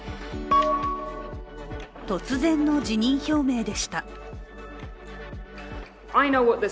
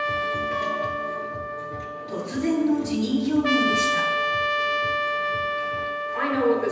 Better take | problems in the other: first | background sound (Trumpet); 1 dB above the speech // room echo; dies away in 1.1 s

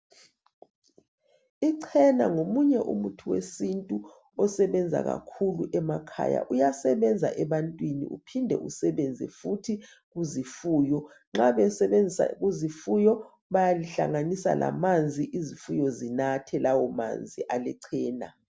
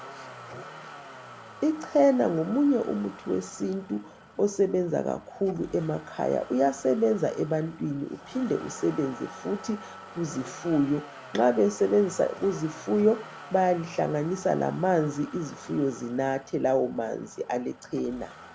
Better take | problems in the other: first | background sound (Motor vehicle (road)); 17 dB below the speech

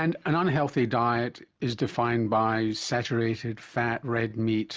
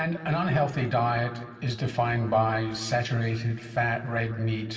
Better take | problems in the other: first | room echo; dies away in 1.9 s

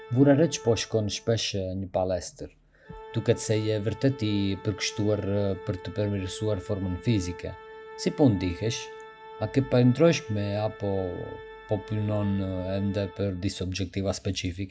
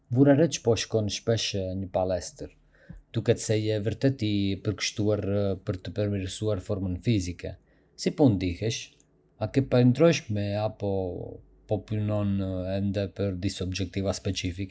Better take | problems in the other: second | background sound (Organ); 17 dB below the speech

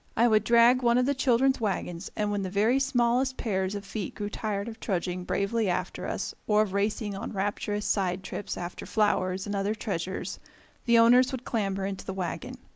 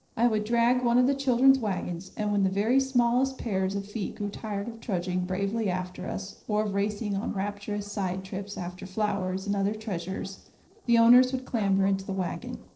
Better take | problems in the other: first | noise reduction (neural separator model SepFormer DNS4)

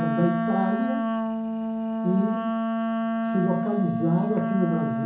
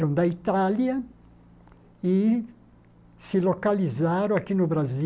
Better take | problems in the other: second | background sound (Wind instrument, woodwind instrument); 1 dB above the speech // room echo; dies away in 0.7 s

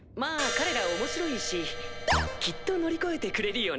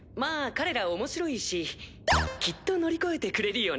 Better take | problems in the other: second | background sound (Crash cymbal); 5 dB below the speech

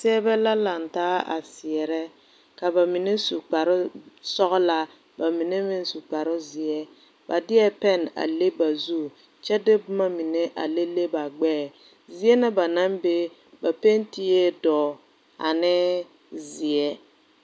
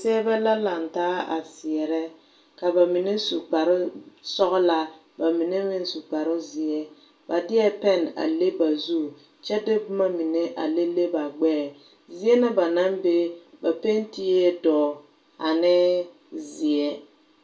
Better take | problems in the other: first | room echo; dies away in 0.2 s

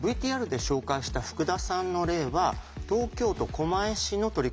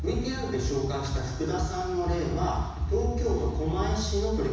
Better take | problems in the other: first | background sound (Gunshot, gunfire); 18 dB below the speech // room echo; dies away in 1.1 s

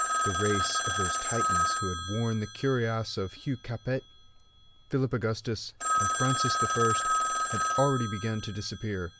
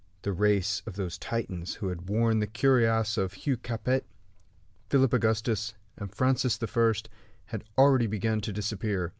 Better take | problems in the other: second | background sound (Telephone); as loud as the speech

